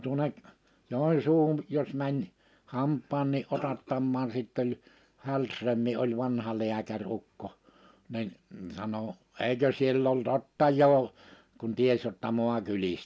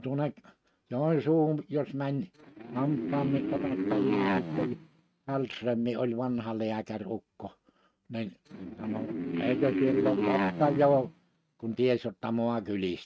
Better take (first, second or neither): first